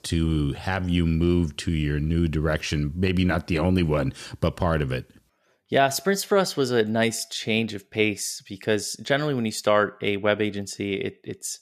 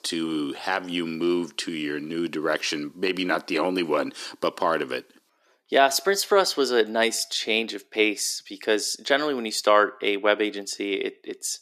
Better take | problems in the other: first | thin; somewhat; fading below 300 Hz

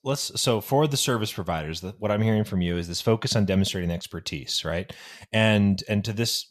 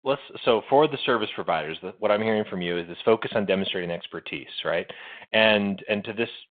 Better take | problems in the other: first | phone-call audio

